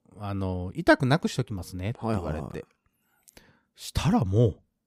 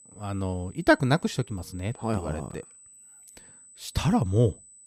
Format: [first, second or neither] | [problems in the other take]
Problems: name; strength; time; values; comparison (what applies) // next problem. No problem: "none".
first | high-pitched whine; faint; throughout; 8 kHz, 20 dB below the speech